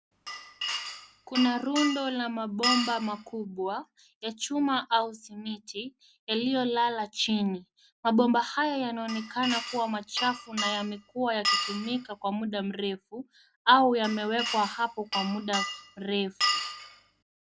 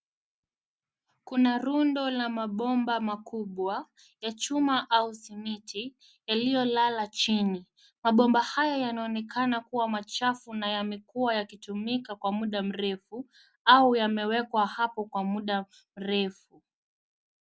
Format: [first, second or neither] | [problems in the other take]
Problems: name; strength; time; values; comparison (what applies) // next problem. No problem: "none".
second | background sound (Glass); 5 dB below the speech